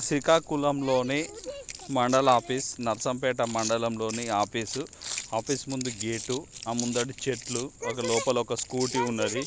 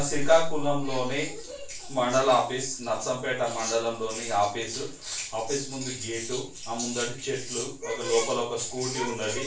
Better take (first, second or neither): first